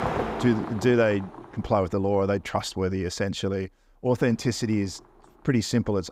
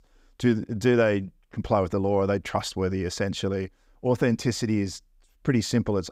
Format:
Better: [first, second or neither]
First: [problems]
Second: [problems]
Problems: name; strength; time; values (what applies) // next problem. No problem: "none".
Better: second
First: traffic noise; loud; throughout; 9 dB below the speech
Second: none